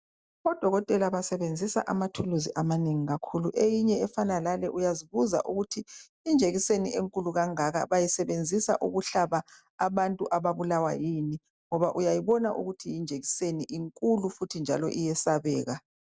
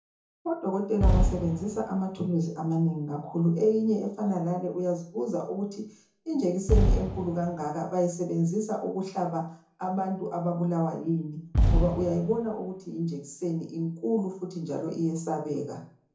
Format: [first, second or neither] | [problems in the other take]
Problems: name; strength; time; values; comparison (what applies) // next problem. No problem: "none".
first | background sound (Fireworks); as loud as the speech // room echo; dies away in 0.6 s